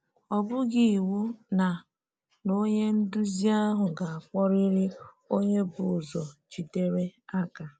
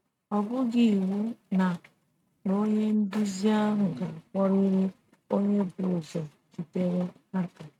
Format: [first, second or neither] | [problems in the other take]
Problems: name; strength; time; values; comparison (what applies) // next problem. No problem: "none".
first | noise reduction (neural mask model RNNoise)